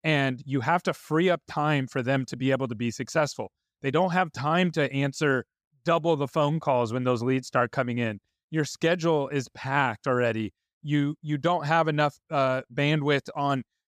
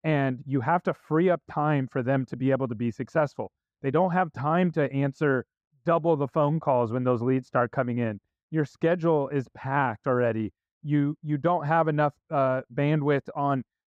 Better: first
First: none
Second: muffled; very; fading above 2.5 kHz

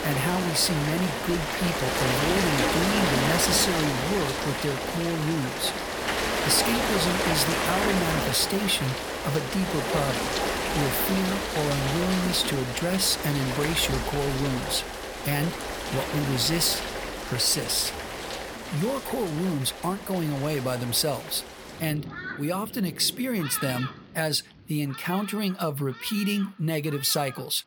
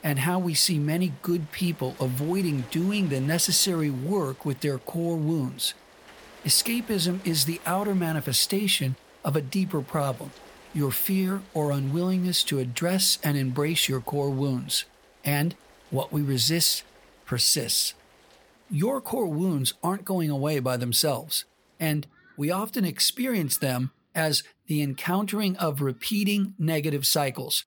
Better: second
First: rain or running water; loud; throughout; 2 dB below the speech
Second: rain or running water; faint; throughout; 25 dB below the speech

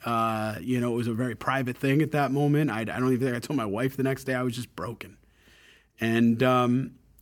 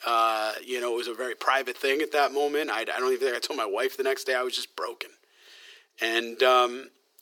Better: first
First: none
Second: thin; very; fading below 400 Hz

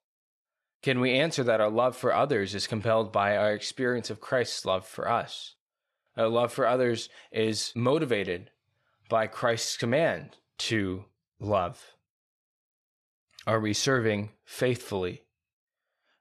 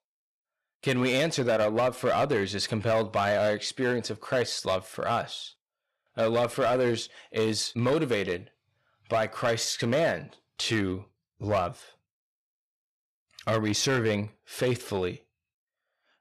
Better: first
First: none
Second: distortion; slight; 5% of the sound clipped

